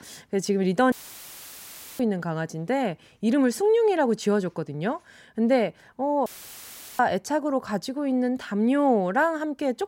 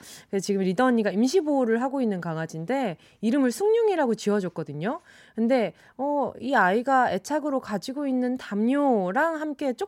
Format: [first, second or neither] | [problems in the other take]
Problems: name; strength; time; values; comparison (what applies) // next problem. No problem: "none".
second | audio cutting out; filled with static; at 1 s for 1 s and at 6.5 s for 0.5 s